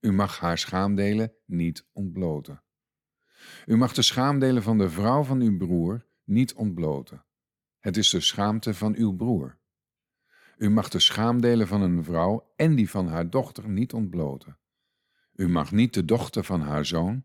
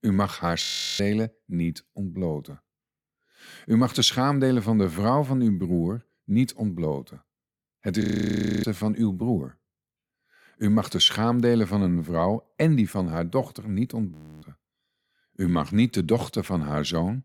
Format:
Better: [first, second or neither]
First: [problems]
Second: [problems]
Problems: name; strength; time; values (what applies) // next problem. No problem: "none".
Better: first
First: none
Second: audio freezing; at 0.5 s, at 8 s for 0.5 s and at 14 s